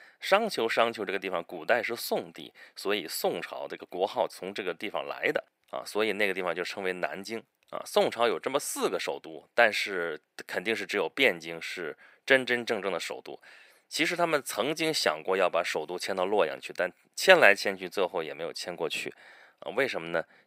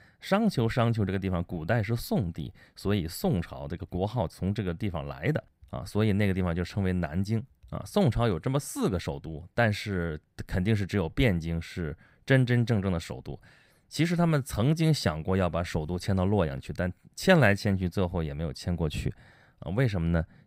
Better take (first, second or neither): second